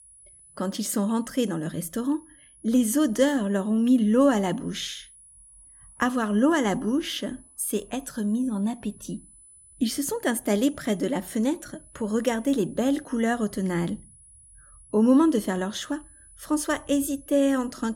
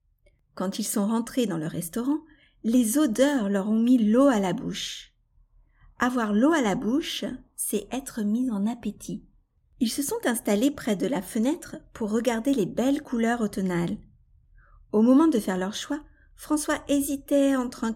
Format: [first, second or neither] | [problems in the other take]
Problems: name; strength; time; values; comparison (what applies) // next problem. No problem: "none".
second | high-pitched whine; faint; throughout; 10 kHz, 25 dB below the speech